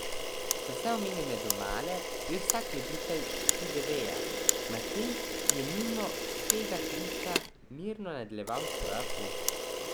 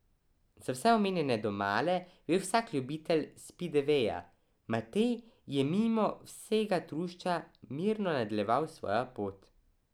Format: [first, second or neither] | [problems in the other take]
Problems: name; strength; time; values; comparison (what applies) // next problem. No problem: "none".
second | background sound (Camera); 4 dB above the speech